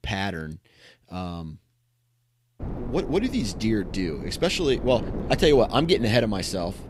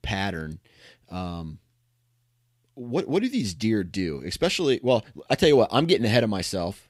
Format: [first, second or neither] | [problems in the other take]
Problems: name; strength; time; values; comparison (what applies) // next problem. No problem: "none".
second | wind noise on the microphone; occasional gusts; from 2.5 s on; 15 dB below the speech